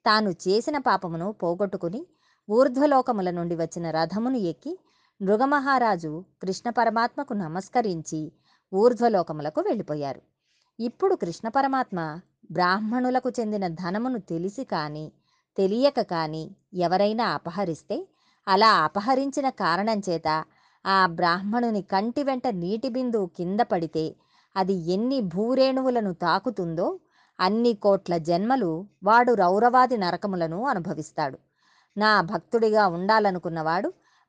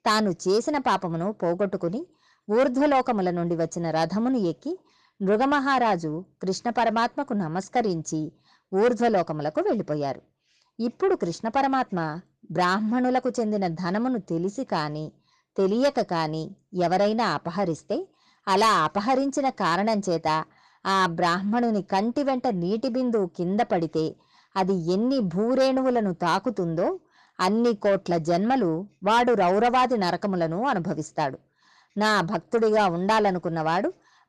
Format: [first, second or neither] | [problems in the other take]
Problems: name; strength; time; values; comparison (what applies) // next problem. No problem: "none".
first | distortion; slight; 10 dB below the speech